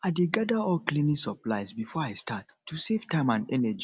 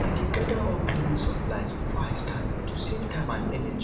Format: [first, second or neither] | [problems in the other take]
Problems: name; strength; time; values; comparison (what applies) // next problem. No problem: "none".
first | background sound (Thunder / Rain); 4 dB above the speech // room echo; dies away in 1 s